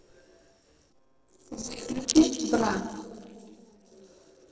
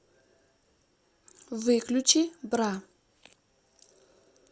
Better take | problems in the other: second | noise reduction (neural separator model SepFormer DNS4)

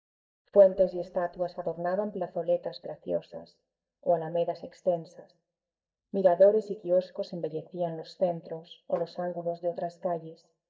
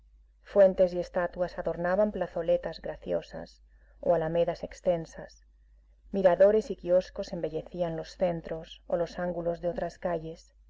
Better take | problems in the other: second | noise reduction (neural mask model DeepFilterNet 3)

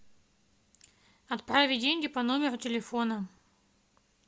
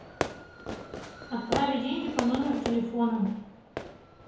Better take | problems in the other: first | background sound (Fireworks); 6 dB below the speech // room echo; dies away in 0.9 s

